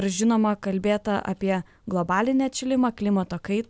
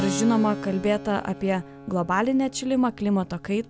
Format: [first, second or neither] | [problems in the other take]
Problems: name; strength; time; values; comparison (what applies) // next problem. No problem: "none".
first | background sound (Keyboard (musical)); 11 dB below the speech